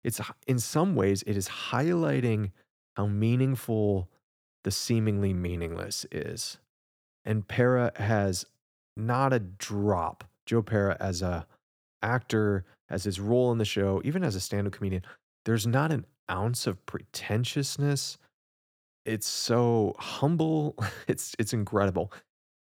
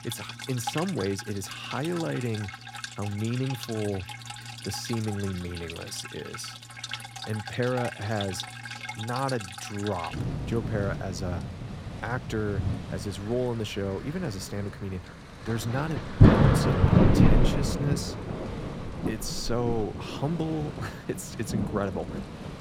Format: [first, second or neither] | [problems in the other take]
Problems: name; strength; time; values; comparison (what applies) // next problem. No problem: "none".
first | rain or running water; very loud; throughout; 3 dB above the speech